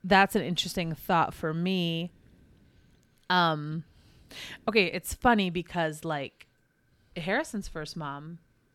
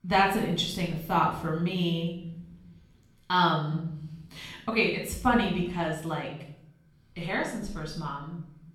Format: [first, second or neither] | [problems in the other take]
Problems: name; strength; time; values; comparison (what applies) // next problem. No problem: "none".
first | off-mic speech; far // room echo; noticeable; dies away in 0.7 s